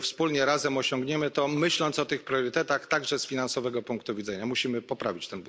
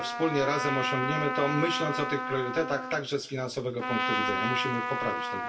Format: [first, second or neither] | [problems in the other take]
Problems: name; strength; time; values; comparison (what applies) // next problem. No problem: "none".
first | background sound (Trumpet); 1 dB below the speech // room echo; dies away in 0.2 s